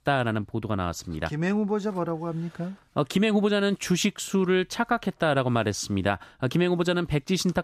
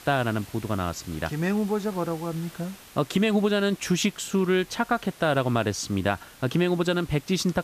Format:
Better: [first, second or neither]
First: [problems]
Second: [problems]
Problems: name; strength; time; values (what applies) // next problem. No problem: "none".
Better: first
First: none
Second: hiss; faint; throughout; 20 dB below the speech